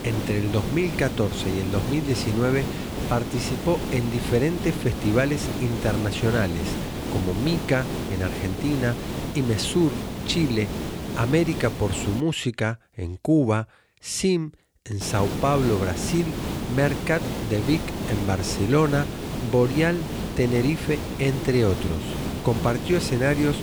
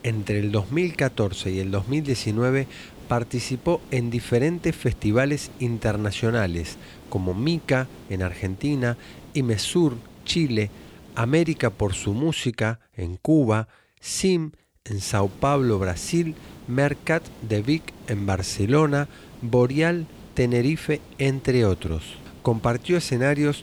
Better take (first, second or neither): second